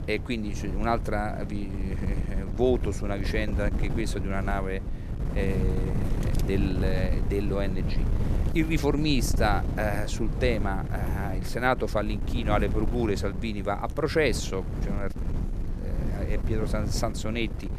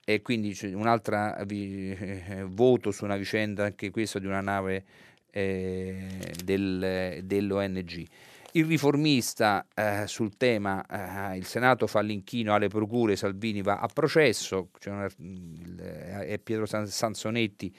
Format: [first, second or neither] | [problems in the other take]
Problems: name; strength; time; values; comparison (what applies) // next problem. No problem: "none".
second | wind noise on the microphone; occasional gusts; 10 dB below the speech